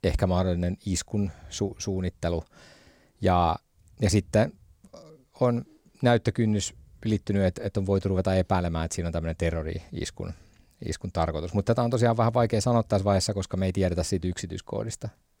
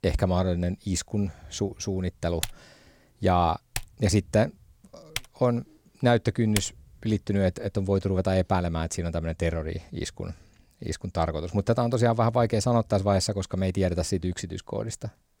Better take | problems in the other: first | keyboard typing; noticeable; from 2.5 to 6.5 s; peak 6 dB below the speech

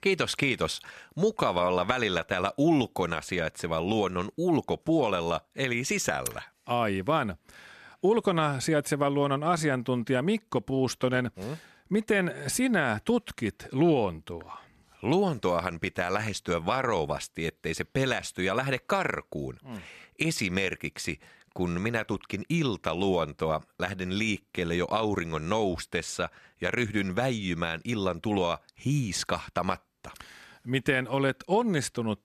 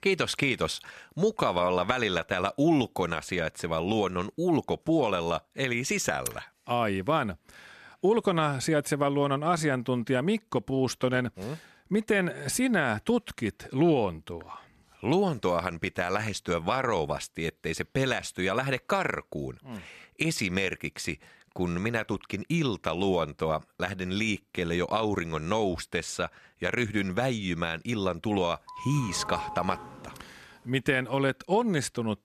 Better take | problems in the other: first | doorbell; noticeable; from 29 to 30 s; peak 8 dB below the speech

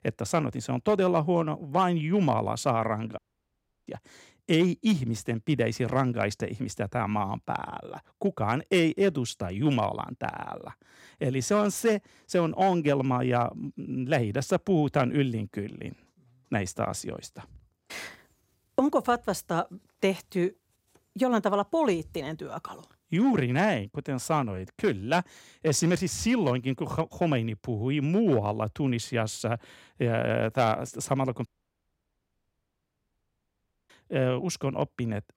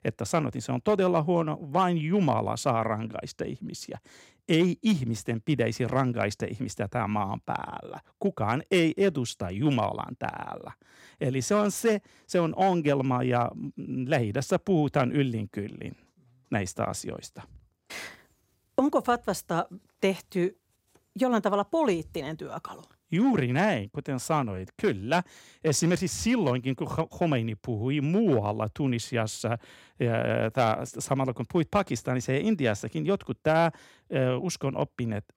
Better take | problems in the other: second | audio cutting out; at 3 s for 0.5 s and at 31 s for 2.5 s

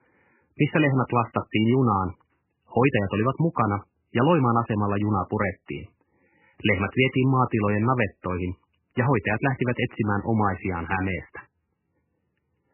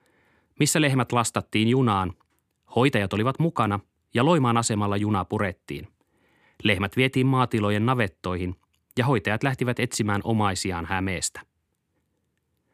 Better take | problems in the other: second | garbled, watery; badly; nothing above 3 kHz

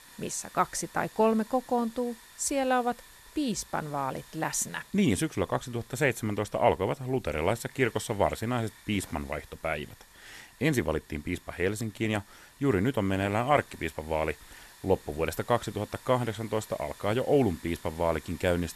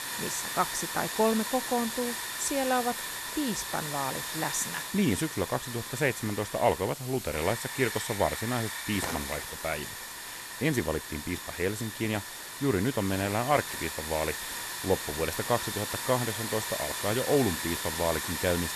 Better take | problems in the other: first | hiss; loud; throughout; 4 dB below the speech; faint in the first

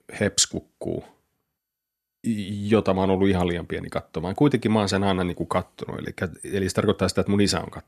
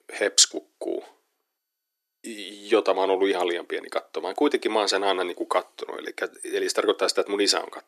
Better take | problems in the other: first | thin; somewhat; fading below 350 Hz

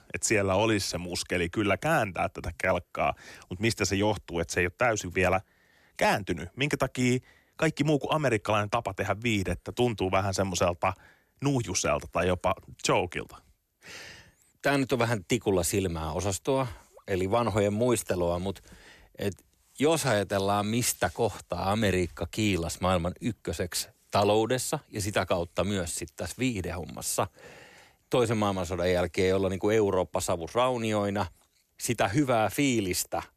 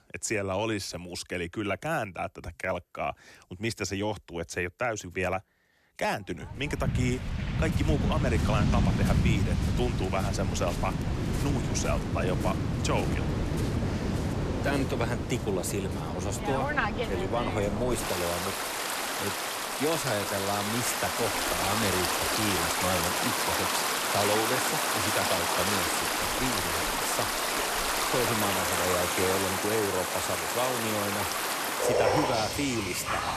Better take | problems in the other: first | rain or running water; very loud; from 7 s on; 4 dB above the speech

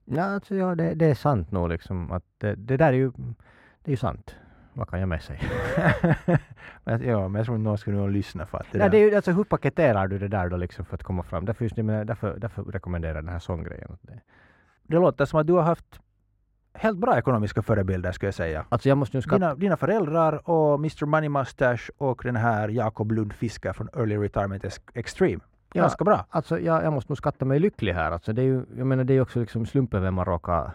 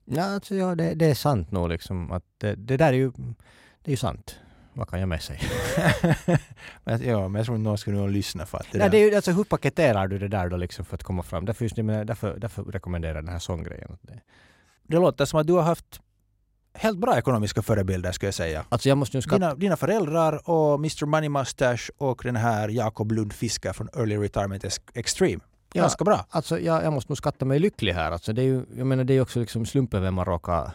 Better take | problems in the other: second | muffled; slightly; fading above 3 kHz

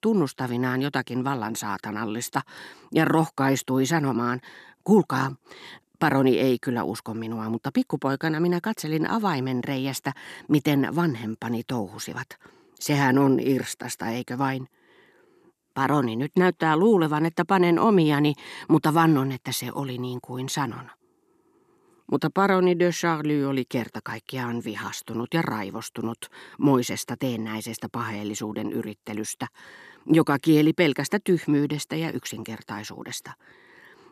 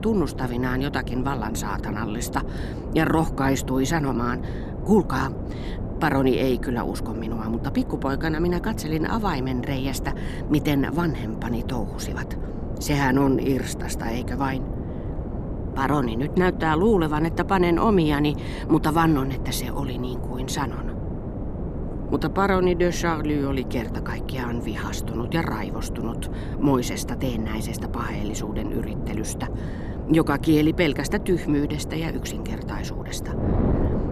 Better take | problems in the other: first | wind noise on the microphone; occasional gusts; 10 dB below the speech

